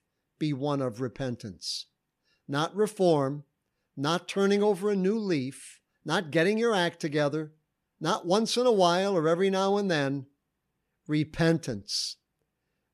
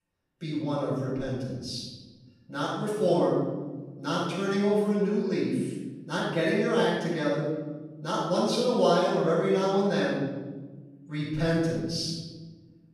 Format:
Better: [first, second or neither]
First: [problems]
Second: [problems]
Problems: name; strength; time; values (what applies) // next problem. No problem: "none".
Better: first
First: none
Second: off-mic speech; far // room echo; strong; dies away in 1.4 s